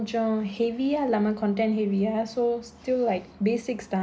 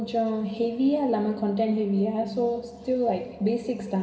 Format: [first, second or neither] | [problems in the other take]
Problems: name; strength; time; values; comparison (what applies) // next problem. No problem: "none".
first | room echo; dies away in 1.6 s